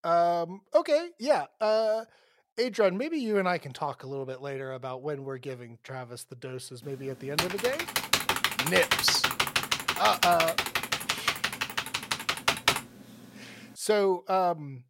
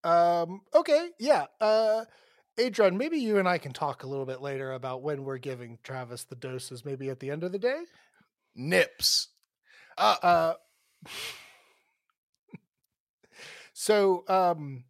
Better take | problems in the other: second | keyboard typing; loud; from 7.5 to 13 s; peak 4 dB above the speech

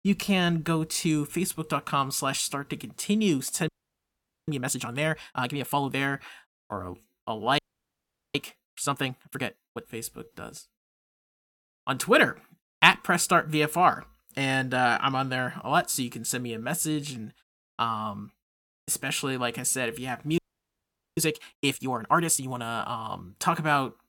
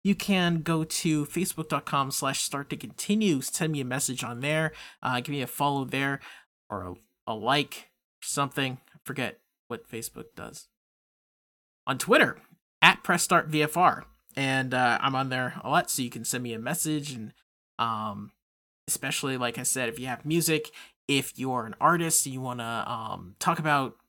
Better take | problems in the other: second | audio freezing; at 3.5 s for 1 s, at 7.5 s for 1 s and at 20 s for 1 s

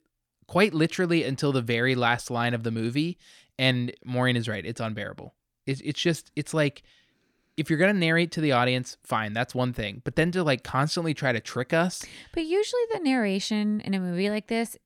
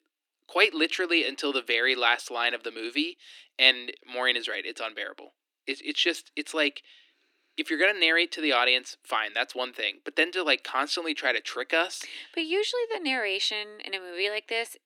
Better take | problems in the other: first | thin; somewhat; fading below 300 Hz

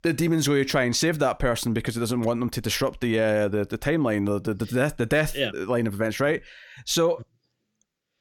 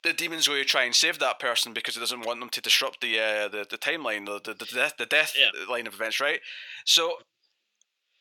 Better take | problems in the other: first | thin; very; fading below 700 Hz

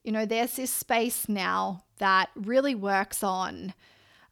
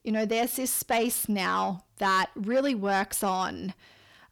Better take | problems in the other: first | distortion; slight; 10 dB below the speech

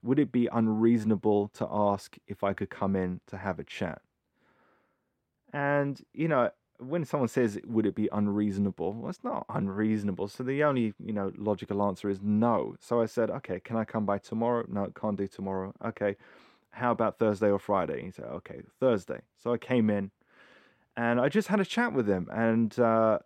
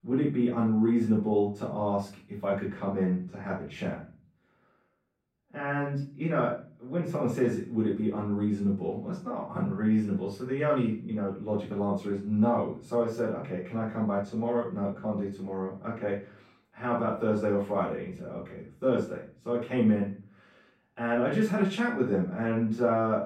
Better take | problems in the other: first | off-mic speech; far // room echo; noticeable; dies away in 0.4 s

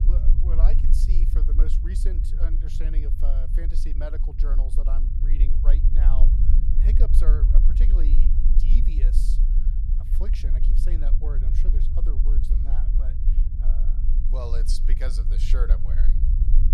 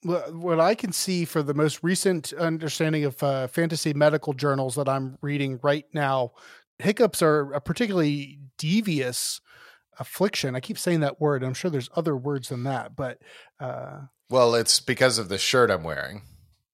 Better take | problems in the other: second | low rumble; loud; throughout; 3 dB below the speech

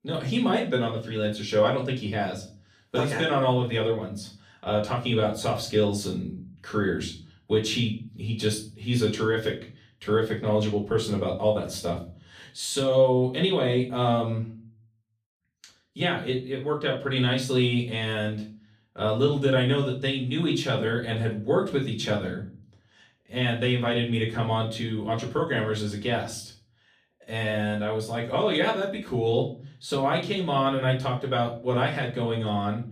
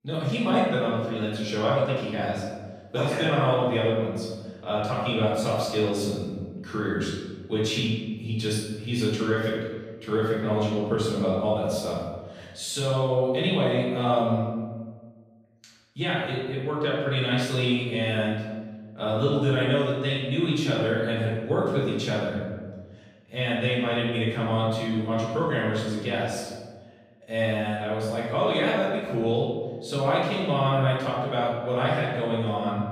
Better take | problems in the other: first | room echo; strong; dies away in 1.2 s; slight in the first // off-mic speech; far; far in the first

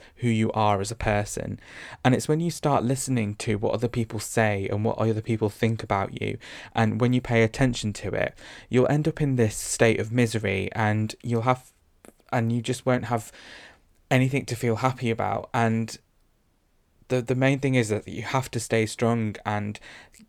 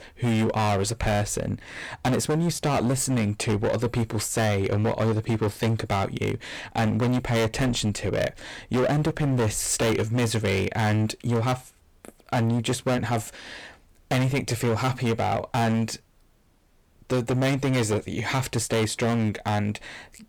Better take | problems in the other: first | distortion; heavy; 18% of the sound clipped

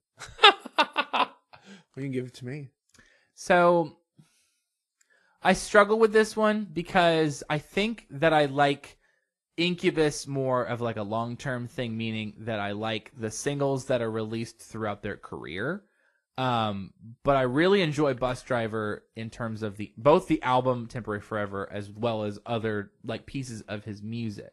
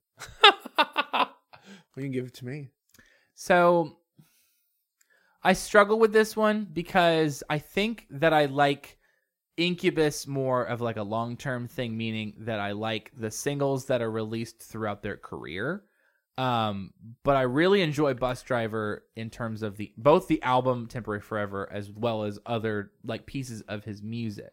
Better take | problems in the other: second | garbled, watery; slightly; nothing above 11 kHz

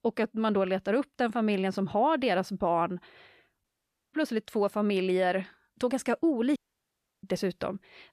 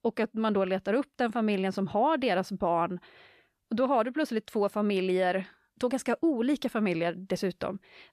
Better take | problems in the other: second | audio cutting out; at 3.5 s and at 6.5 s for 0.5 s

